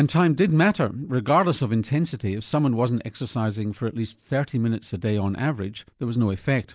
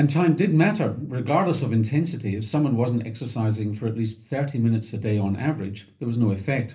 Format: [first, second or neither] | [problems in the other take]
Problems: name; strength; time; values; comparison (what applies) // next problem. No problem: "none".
first | room echo; dies away in 0.3 s